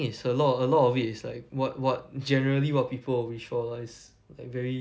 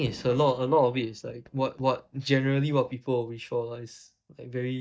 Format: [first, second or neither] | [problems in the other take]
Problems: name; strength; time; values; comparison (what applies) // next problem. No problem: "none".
first | noise reduction (neural mask model DeepFilterNet 3)